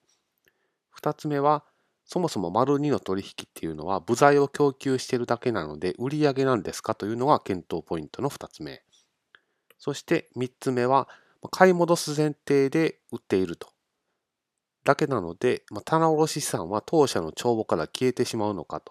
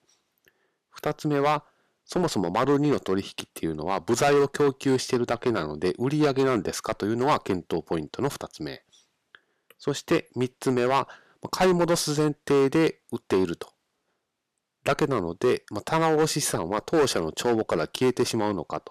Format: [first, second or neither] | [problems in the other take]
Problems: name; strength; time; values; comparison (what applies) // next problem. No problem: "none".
first | distortion; heavy; 5% of the sound clipped